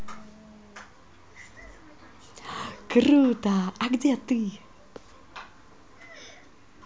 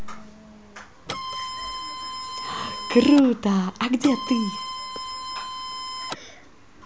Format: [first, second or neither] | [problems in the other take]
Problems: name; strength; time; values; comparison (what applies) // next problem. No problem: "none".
first | background sound (Printer); 7 dB below the speech